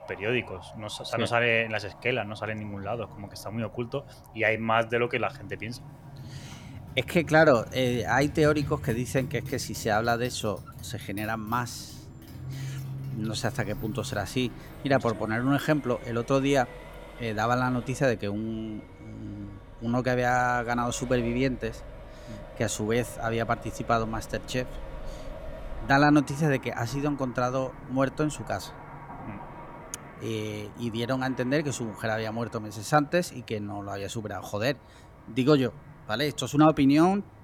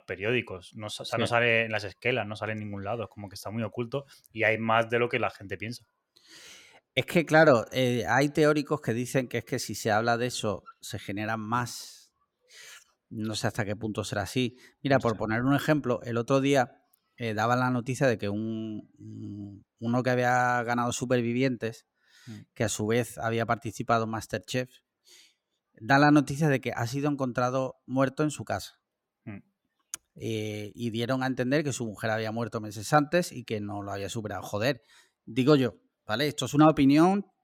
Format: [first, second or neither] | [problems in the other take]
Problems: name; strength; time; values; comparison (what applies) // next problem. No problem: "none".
second | traffic noise; noticeable; throughout; 15 dB below the speech